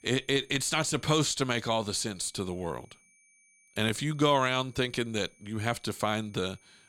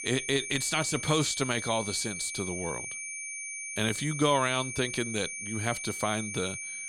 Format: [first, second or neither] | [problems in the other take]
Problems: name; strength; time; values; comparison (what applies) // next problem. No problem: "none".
first | high-pitched whine; loud; throughout; 2.5 kHz, 5 dB below the speech; faint in the first